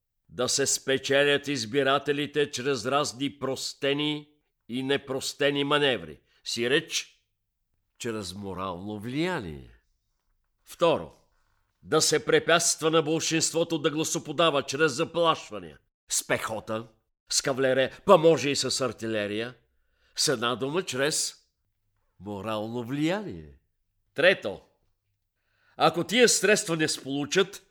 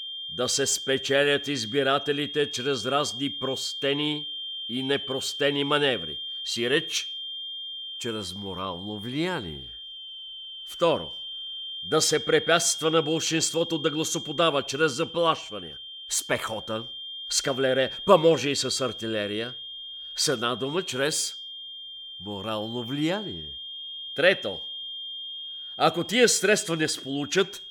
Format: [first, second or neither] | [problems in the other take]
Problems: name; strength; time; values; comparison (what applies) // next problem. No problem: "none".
first | high-pitched whine; loud; throughout; 3 kHz, 9 dB below the speech